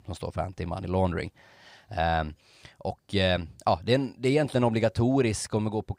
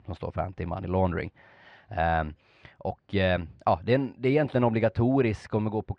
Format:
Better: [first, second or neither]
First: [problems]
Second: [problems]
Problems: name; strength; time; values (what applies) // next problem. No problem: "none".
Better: first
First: none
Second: muffled; slightly; fading above 2 kHz